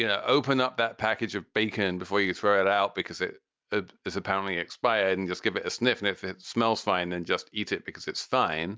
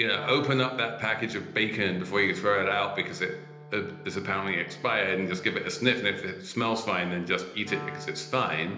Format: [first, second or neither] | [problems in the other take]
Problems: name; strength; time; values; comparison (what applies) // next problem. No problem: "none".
first | background sound (Wind instrument, woodwind instrument); 17 dB below the speech // room echo; dies away in 1 s